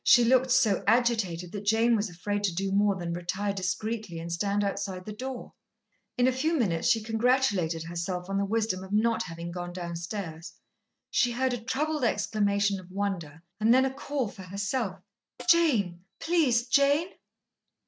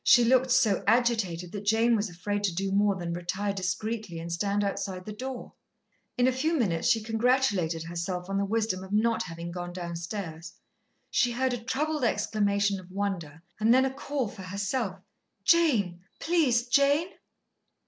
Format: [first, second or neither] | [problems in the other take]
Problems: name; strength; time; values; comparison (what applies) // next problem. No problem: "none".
second | noise reduction (neural mask model RNNoise)